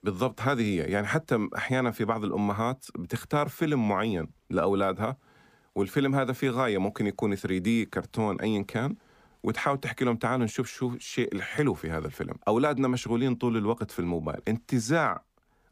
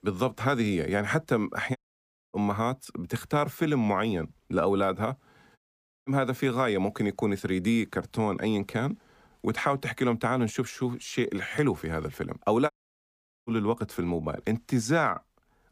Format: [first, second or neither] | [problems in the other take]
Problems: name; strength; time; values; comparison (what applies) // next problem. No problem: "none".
first | audio cutting out; at 2 s for 0.5 s, at 5.5 s and at 13 s for 1 s